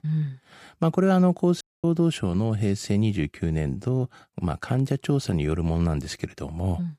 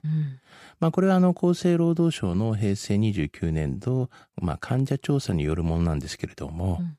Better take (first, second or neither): second